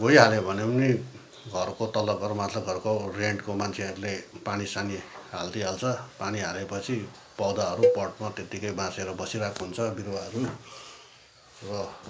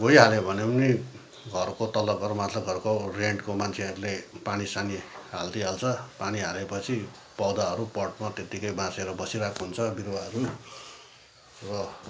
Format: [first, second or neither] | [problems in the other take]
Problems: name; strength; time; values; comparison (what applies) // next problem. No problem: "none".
second | background sound (Cowbell); 1 dB below the speech